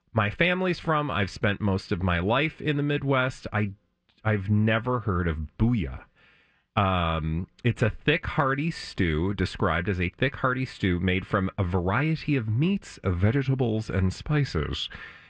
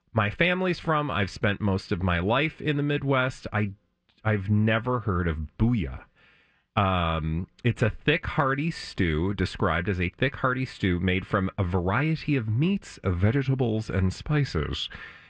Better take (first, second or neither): neither